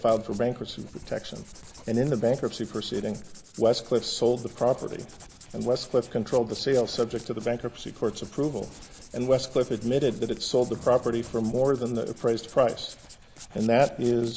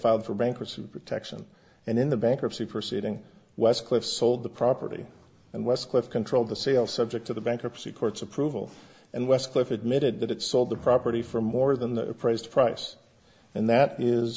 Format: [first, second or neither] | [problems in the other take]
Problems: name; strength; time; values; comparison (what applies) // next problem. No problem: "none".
second | background sound (Writing + Writing); 19 dB below the speech